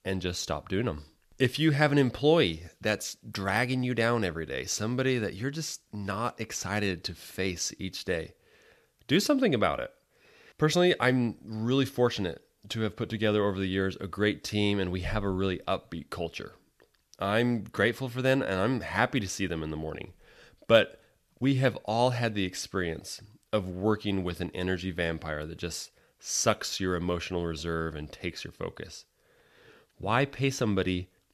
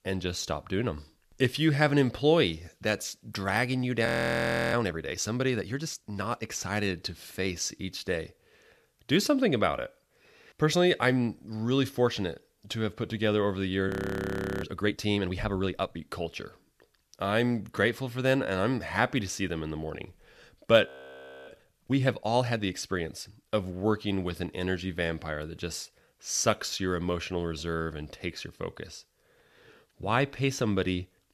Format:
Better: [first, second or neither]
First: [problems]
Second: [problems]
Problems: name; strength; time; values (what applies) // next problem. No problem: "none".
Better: first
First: none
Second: audio freezing; at 4 s for 0.5 s, at 14 s for 0.5 s and at 21 s for 0.5 s